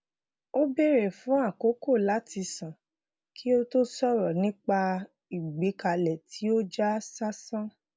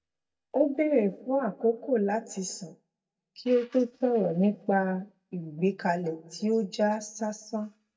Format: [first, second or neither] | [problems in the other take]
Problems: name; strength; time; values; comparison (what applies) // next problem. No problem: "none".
first | noise reduction (neural mask model DeepFilterNet 3)